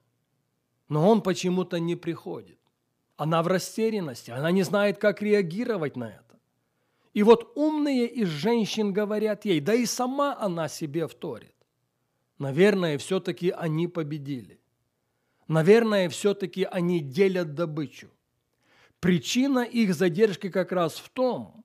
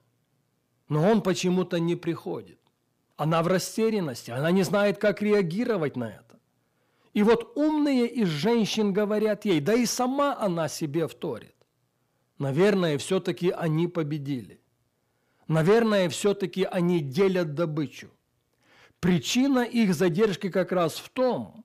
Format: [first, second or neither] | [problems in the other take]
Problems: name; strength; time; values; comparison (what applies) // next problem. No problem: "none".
first | distortion; slight; 10 dB below the speech